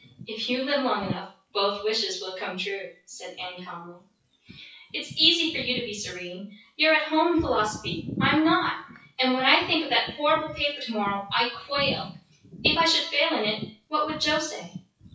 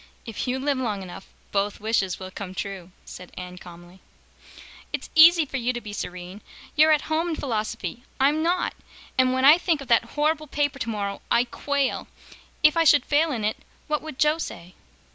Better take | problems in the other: second | noise reduction (classical method WPE with log-MMSE)

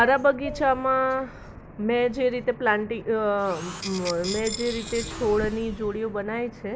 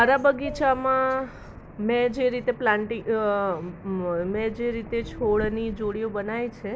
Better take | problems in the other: second | background sound (Tools); 13 dB below the speech

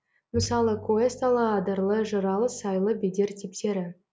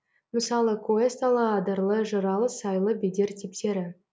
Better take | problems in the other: second | background sound (Bowed string instrument); 14 dB below the speech

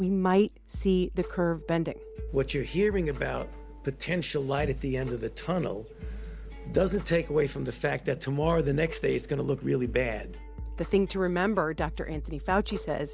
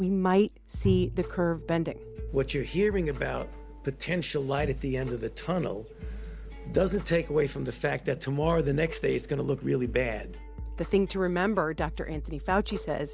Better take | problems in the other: first | background sound (Bowed string instrument); 10 dB below the speech

